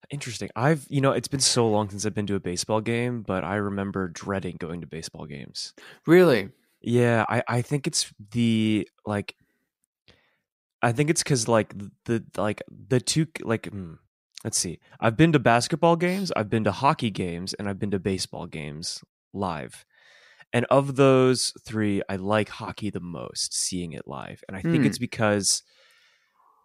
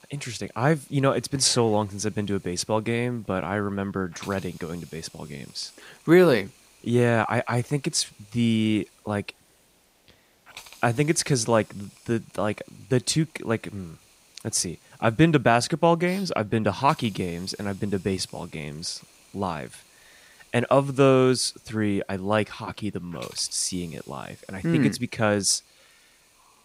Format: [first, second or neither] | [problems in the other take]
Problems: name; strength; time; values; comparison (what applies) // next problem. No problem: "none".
first | hiss; faint; throughout; 25 dB below the speech